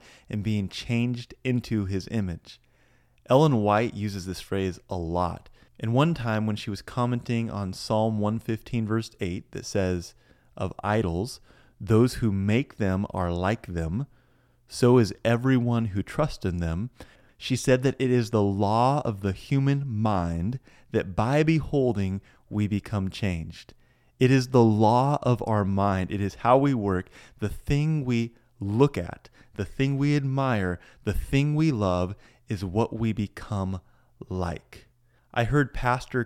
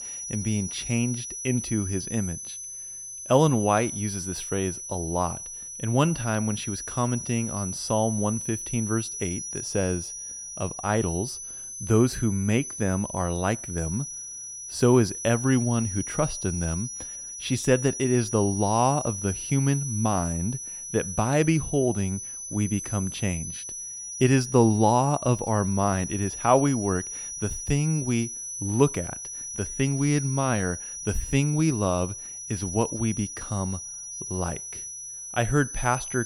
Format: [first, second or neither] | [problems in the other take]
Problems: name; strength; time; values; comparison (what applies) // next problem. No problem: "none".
first | high-pitched whine; loud; throughout; 6 kHz, 7 dB below the speech